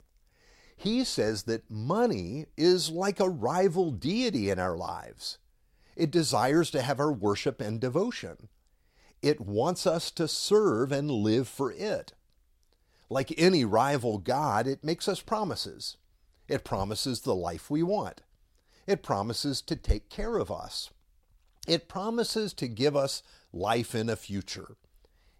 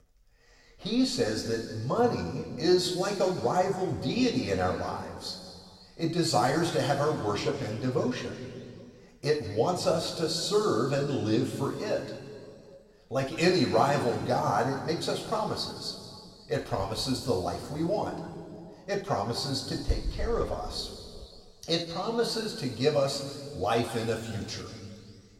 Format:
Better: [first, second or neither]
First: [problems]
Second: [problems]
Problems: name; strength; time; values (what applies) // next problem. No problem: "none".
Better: first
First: none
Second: room echo; noticeable; dies away in 2.1 s // off-mic speech; somewhat distant